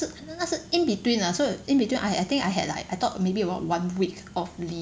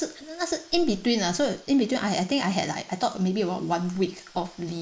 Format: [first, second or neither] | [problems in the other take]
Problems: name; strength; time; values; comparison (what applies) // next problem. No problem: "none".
first | noise reduction (neural mask model Resemble Enhance denoiser)